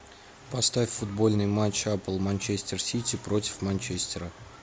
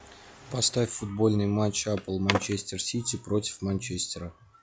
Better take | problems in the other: first | noise reduction (classical method log-MMSE)

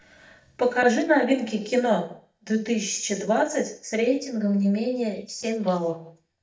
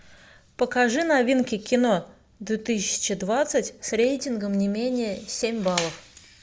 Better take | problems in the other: second | noise reduction (neural mask model DeepFilterNet 3)

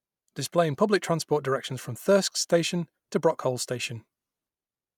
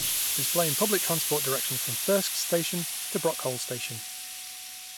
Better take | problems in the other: first | background sound (Explosion); as loud as the speech

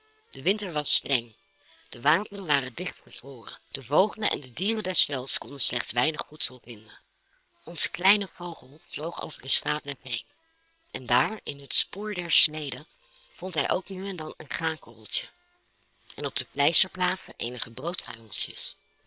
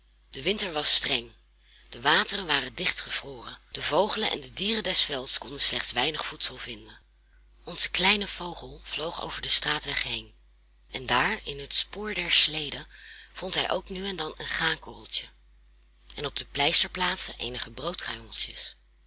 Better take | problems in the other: second | noise reduction (neural separator model SepFormer WHAM!)

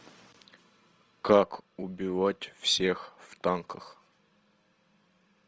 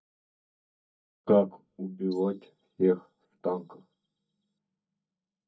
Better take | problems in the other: first | noise reduction (neural mask model DeepFilterNet 3)

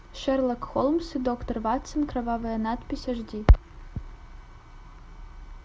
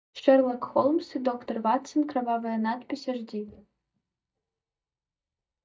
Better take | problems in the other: first | noise reduction (neural mask model DeepFilterNet 3)

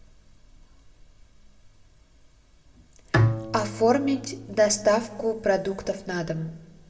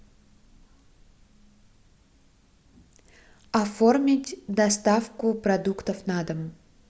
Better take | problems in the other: second | background sound (Bowed string instrument); 2 dB below the speech // room echo; dies away in 0.7 s

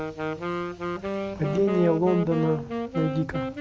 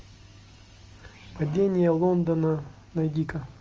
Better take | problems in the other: second | background sound (Wind instrument, woodwind instrument); 4 dB below the speech

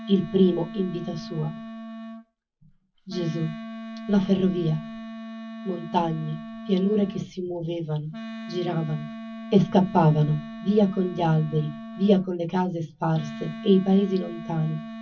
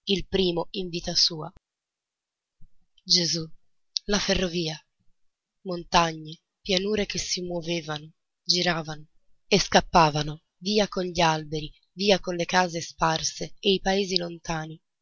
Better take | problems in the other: second | background sound (Wind instrument, woodwind instrument); 13 dB below the speech // room echo; dies away in 0.3 s

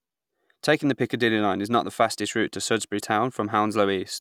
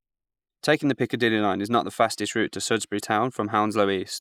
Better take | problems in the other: first | noise reduction (neural mask model Resemble Enhance denoiser)

